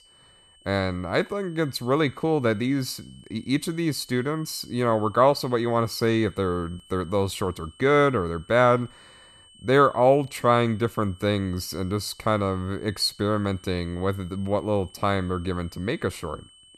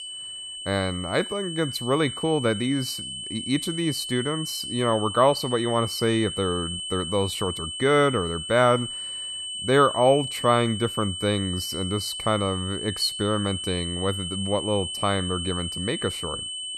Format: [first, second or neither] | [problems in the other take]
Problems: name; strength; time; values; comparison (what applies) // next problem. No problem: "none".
first | high-pitched whine; loud; throughout; 3 kHz, 6 dB below the speech; faint in the first